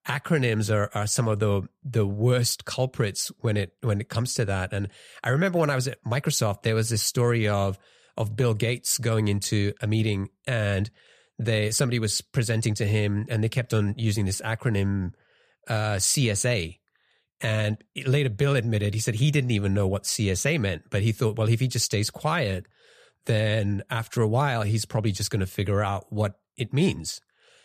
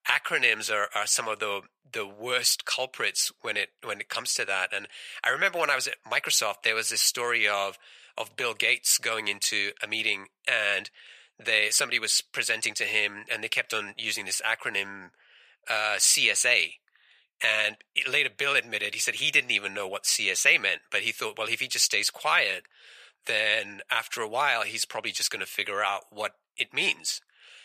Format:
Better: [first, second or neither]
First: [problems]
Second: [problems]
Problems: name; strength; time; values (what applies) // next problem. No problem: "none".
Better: first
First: none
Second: thin; very; fading below 800 Hz